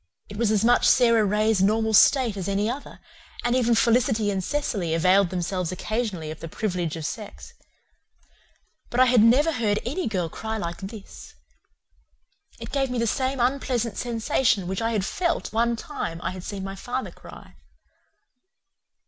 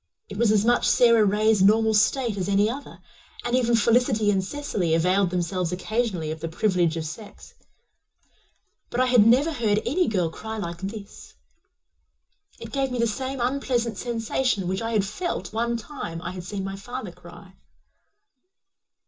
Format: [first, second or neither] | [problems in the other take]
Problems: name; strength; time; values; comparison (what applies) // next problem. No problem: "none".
first | room echo; dies away in 0.2 s